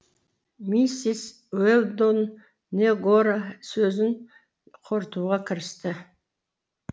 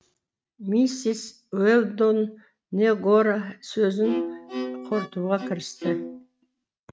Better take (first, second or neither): first